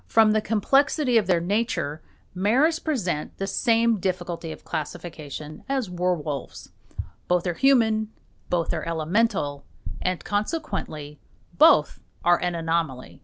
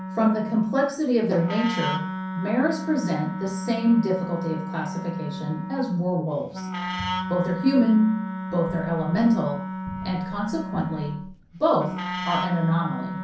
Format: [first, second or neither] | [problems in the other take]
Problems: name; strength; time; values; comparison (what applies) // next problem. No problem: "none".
first | background sound (Wind instrument, woodwind instrument); 7 dB below the speech // room echo; dies away in 0.6 s